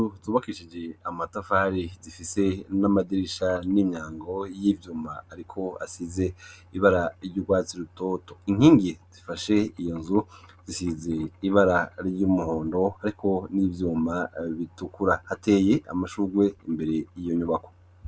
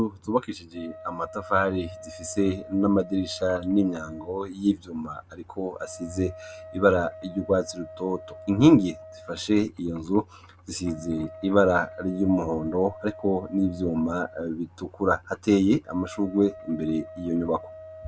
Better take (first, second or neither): first